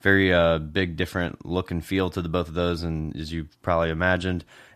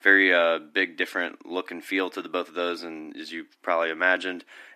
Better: first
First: none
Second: thin; somewhat; fading below 300 Hz

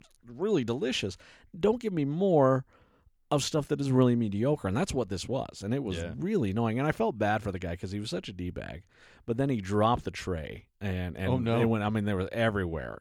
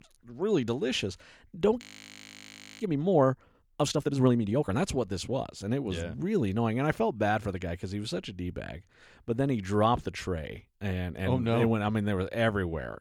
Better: first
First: none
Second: audio freezing; at 2 s for 1 s

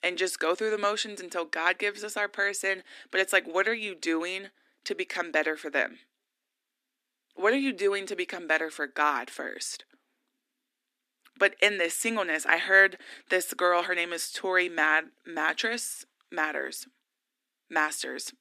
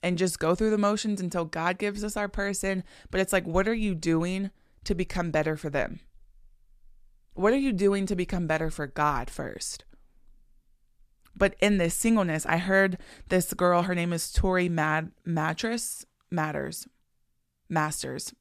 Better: second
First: thin; somewhat; fading below 250 Hz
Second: none

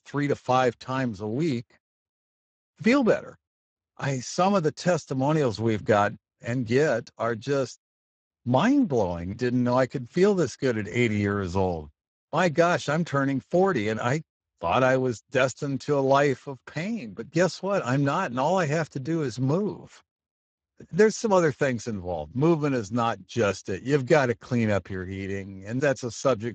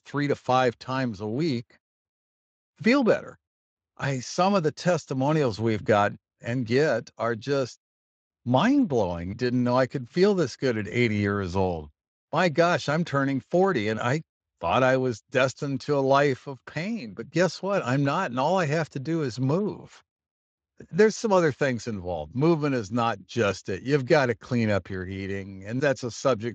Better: second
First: garbled, watery; badly; nothing above 7.5 kHz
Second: garbled, watery; slightly; nothing above 7.5 kHz

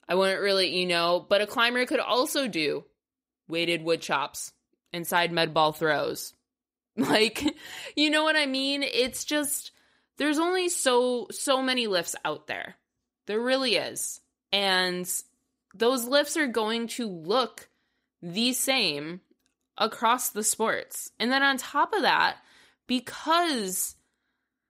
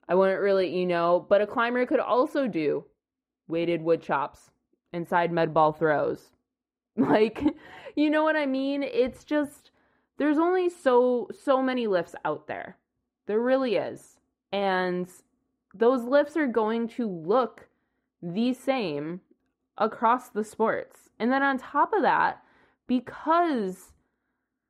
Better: first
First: none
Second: muffled; very; fading above 2.5 kHz

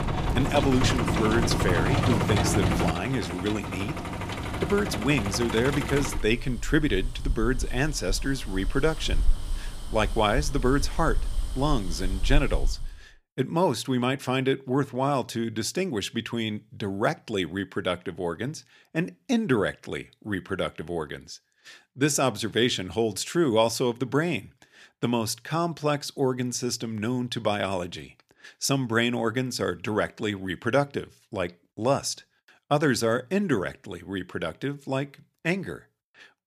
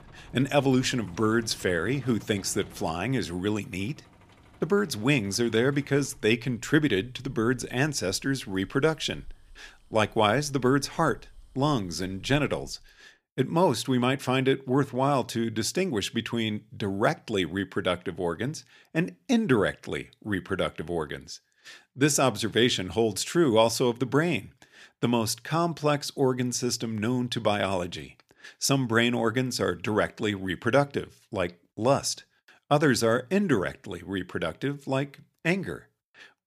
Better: second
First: traffic noise; loud; until 13 s; 3 dB below the speech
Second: traffic noise; faint; until 13 s; 25 dB below the speech

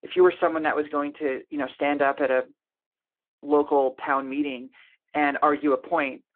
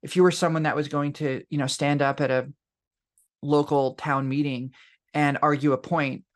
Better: second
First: phone-call audio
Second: none

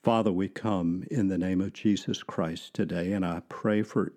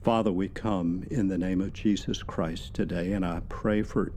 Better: first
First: none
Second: low rumble; faint; throughout; 25 dB below the speech

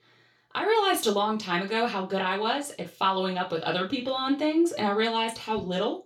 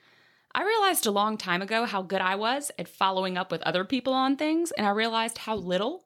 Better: second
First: room echo; very slight; dies away in 0.3 s // off-mic speech; somewhat distant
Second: none

